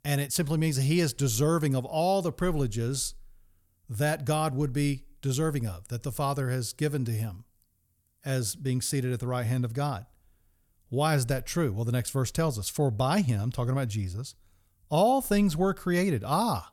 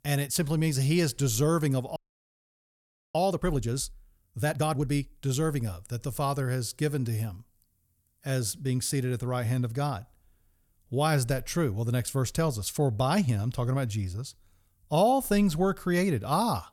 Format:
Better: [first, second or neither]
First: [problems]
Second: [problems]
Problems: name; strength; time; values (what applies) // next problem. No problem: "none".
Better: first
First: none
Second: audio freezing; at 2 s for 1 s